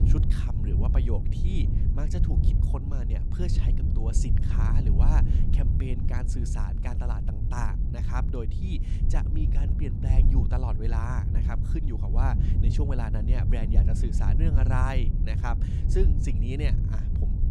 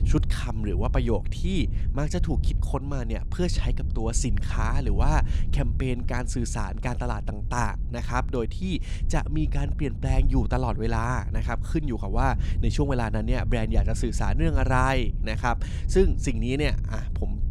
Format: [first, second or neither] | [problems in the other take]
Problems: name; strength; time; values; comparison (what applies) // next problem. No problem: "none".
second | wind noise on the microphone; heavy; 3 dB below the speech; occasional gusts in the second